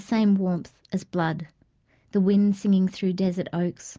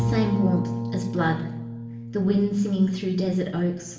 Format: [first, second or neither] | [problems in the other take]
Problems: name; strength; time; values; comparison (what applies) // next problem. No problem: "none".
first | background sound (Bowed string instrument); 6 dB below the speech // room echo; dies away in 0.8 s